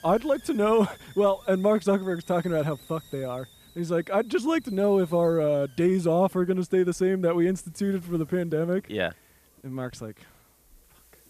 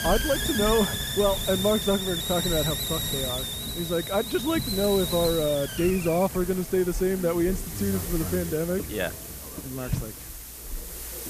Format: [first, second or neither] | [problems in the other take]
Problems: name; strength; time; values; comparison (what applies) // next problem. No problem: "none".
first | hiss; loud; throughout; 3 dB below the speech; faint in the first